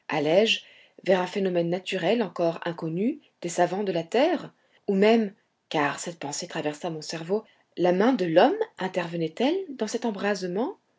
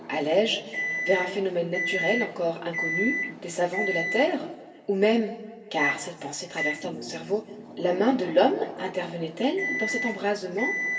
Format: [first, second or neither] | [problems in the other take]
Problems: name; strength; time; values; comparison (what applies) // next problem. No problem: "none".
first | background sound (Microwave oven); 6 dB below the speech // room echo; dies away in 1.6 s